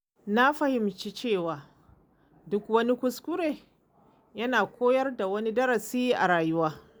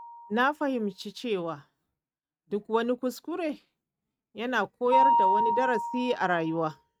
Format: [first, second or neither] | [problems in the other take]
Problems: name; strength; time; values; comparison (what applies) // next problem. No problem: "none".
first | noise reduction (neural mask model RNNoise)